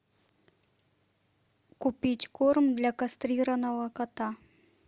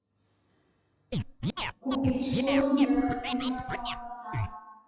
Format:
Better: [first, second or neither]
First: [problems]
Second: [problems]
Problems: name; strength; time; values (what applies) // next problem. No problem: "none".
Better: first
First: none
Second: noise reduction (classical method WPE with log-MMSE)